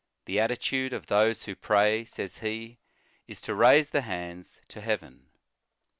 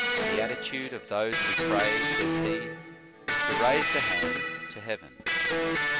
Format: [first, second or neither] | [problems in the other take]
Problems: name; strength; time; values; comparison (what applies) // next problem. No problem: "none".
first | background sound (Electric guitar); 4 dB above the speech